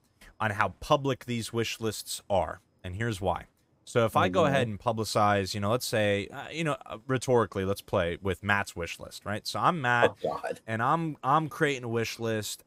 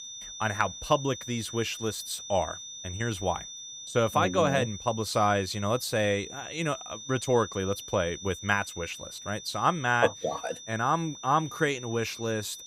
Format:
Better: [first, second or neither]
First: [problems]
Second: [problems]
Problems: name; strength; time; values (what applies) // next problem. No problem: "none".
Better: first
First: none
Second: high-pitched whine; noticeable; throughout; 6 kHz, 10 dB below the speech